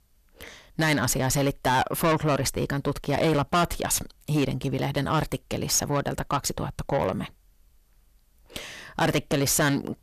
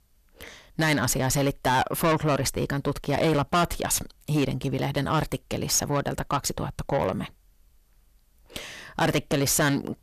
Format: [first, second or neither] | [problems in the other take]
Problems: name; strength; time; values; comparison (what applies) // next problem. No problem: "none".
neither | distortion; heavy; 6 dB below the speech; the same in both